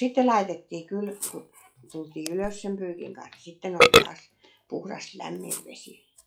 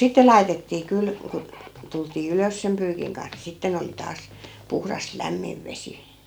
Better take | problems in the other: second | noise reduction (classical method log-MMSE)

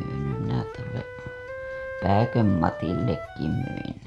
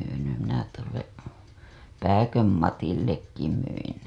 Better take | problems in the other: second | background sound (Wind instrument, woodwind instrument); 10 dB below the speech

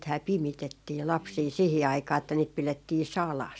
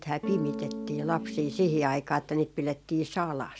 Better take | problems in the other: first | background sound (Electric guitar / Strum); 7 dB below the speech

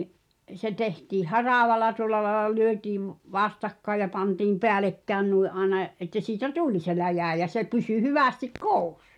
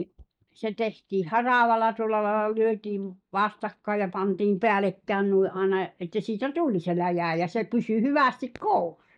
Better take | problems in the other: first | noise reduction (neural mask model DeepFilterNet 3)

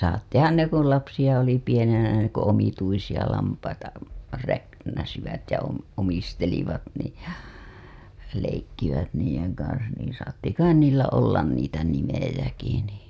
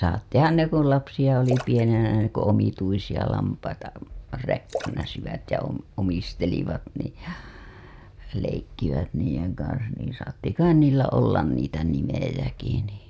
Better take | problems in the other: first | background sound (Splash, splatter); 15 dB below the speech

